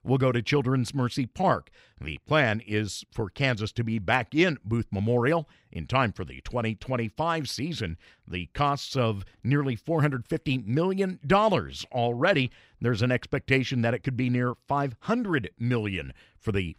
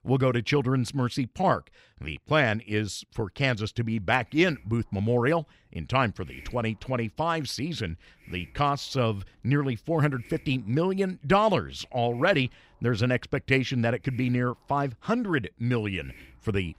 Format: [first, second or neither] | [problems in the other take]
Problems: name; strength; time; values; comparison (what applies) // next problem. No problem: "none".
first | hiss; faint; from 4 s on; 25 dB below the speech